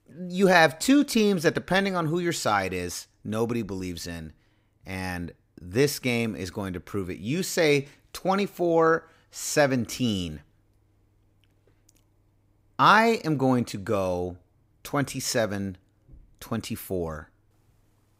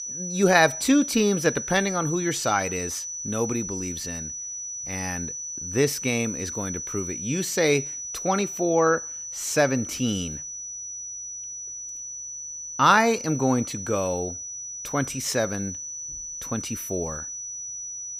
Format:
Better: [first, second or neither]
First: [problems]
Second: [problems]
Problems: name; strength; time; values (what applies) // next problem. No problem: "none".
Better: first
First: none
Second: high-pitched whine; loud; throughout; 6 kHz, 7 dB below the speech